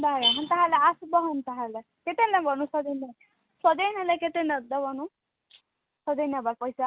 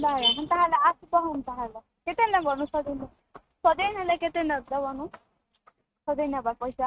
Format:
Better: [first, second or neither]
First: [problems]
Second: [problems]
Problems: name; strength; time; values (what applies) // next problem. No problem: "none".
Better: first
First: none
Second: noise reduction (neural mask model RNNoise)